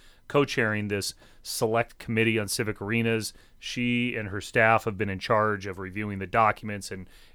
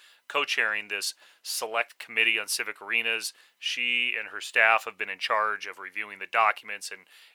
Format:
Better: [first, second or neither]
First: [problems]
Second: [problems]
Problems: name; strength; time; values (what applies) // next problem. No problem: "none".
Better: first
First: none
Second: thin; very; fading below 850 Hz